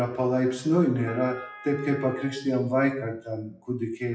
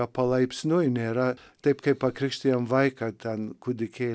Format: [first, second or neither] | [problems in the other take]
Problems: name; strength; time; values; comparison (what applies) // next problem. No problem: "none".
second | noise reduction (classical method WPE with log-MMSE)